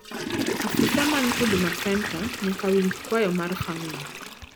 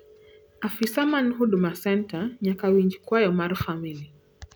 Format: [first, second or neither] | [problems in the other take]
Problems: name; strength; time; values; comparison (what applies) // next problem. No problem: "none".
second | background sound (Toilet flush / Water); 3 dB below the speech